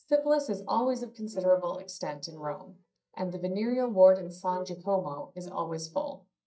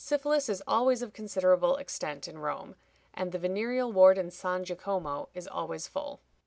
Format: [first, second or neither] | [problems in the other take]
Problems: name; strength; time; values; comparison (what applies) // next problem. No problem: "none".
second | noise reduction (neural mask model DeepFilterNet 3)